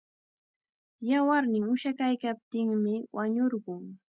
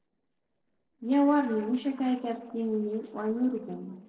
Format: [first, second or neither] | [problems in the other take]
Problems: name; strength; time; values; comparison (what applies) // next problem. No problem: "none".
first | noise reduction (neural separator model SepFormer DNS4)